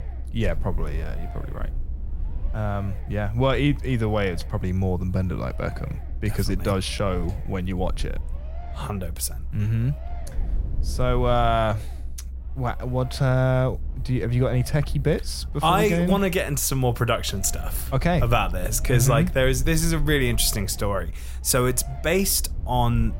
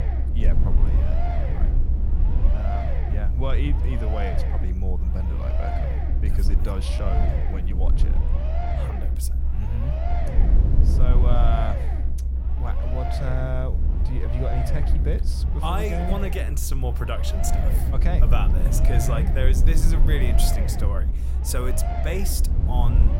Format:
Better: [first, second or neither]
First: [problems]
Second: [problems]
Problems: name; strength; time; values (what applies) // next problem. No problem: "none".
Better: first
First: low rumble; faint; throughout; 20 dB below the speech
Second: low rumble; loud; throughout; 3 dB below the speech